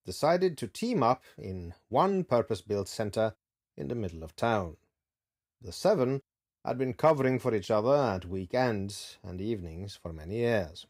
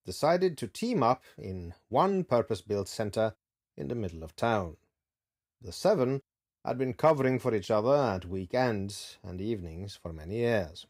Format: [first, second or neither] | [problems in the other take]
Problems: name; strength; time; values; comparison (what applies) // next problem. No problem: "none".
neither | none